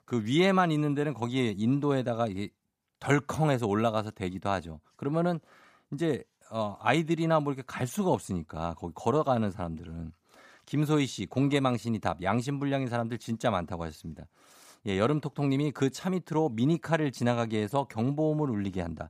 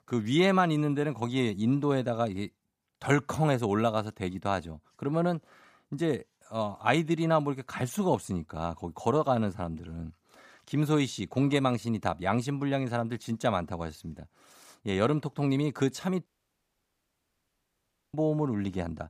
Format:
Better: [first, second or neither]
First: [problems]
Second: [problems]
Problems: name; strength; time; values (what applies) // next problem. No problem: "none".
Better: first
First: none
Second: audio cutting out; at 16 s for 2 s